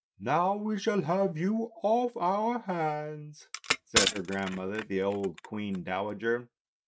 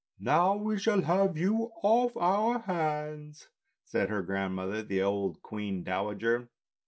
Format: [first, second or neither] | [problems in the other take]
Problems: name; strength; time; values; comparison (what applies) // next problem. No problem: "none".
second | noise reduction (neural mask model RNNoise)